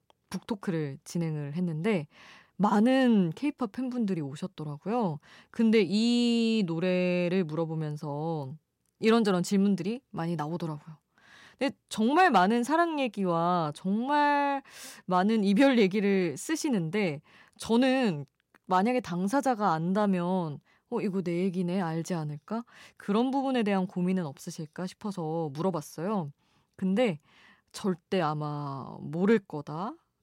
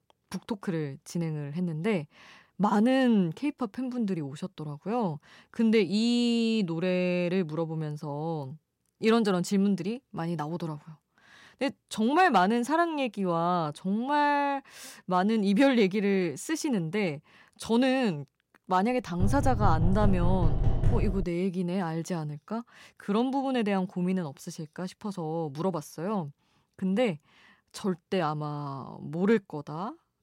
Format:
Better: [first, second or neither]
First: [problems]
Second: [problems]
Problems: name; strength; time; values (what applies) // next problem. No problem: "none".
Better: first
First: none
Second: door banging; loud; from 19 to 21 s; peak 1 dB above the speech